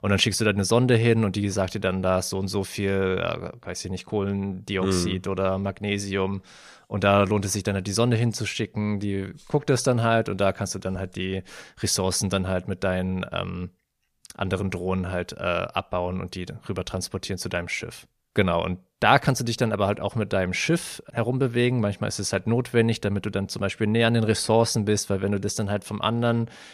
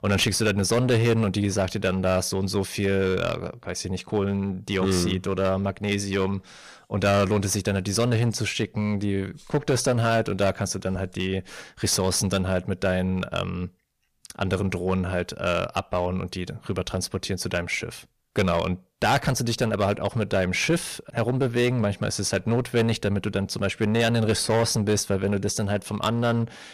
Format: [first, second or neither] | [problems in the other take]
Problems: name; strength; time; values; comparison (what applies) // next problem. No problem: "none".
first | distortion; slight; 8% of the sound clipped